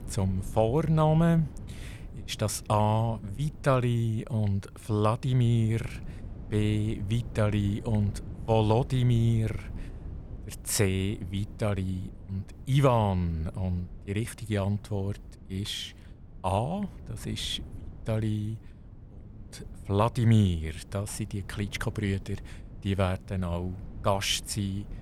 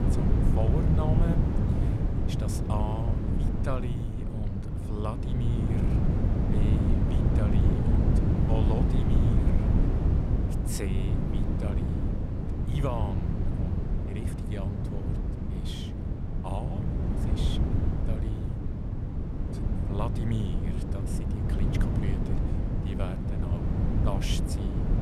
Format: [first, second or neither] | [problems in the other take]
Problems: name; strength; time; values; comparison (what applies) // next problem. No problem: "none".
first | wind noise on the microphone; heavy; 2 dB above the speech; occasional gusts in the first